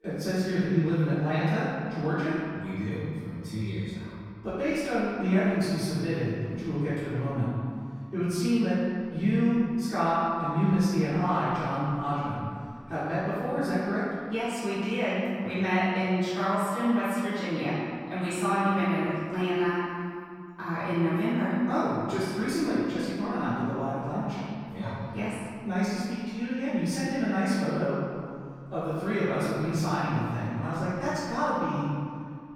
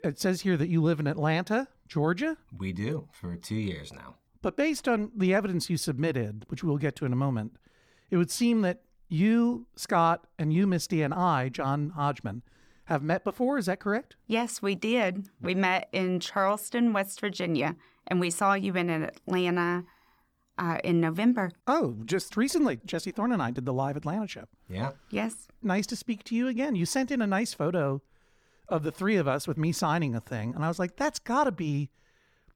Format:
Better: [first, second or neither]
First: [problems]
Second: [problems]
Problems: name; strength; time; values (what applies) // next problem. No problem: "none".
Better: second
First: room echo; strong; dies away in 2 s // off-mic speech; far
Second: none